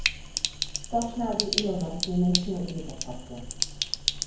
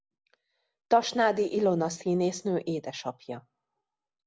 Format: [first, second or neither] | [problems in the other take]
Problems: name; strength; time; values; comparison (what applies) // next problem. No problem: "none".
second | background sound (Sink (filling or washing)); as loud as the speech // room echo; dies away in 0.9 s